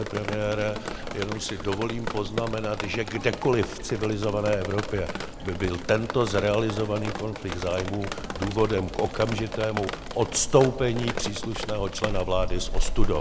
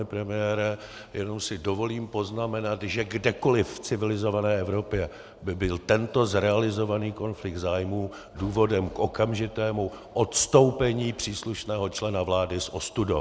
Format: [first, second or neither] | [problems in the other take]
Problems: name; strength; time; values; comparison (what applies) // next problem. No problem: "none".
second | background sound (Drip); 3 dB below the speech